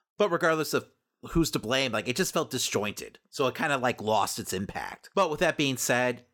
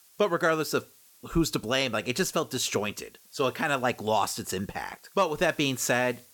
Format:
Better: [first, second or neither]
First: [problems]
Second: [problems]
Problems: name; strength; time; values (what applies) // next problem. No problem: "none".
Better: first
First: none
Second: hiss; faint; throughout; 25 dB below the speech